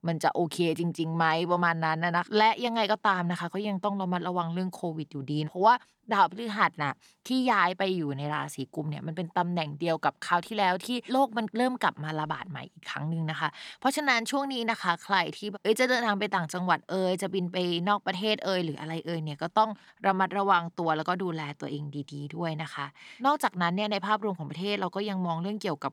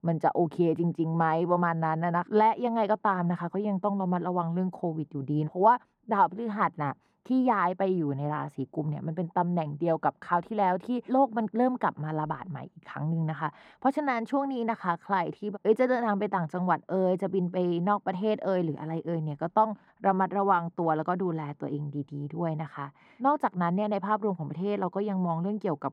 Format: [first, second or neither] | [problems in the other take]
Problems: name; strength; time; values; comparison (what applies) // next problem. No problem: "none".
first | muffled; very; fading above 2 kHz